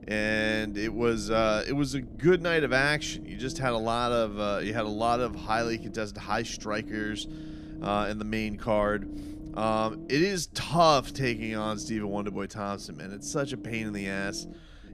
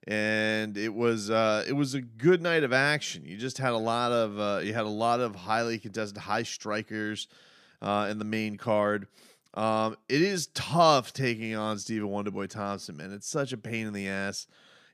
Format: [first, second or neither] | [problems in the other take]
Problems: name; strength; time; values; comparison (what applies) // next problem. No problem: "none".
second | low rumble; noticeable; throughout; 20 dB below the speech